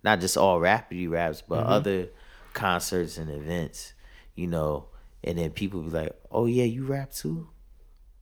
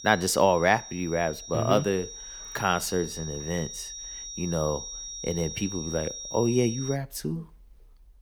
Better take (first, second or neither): first